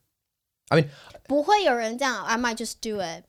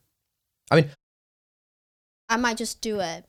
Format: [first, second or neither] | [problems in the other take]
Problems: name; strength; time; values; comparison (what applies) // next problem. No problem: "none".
first | audio cutting out; at 1 s for 1.5 s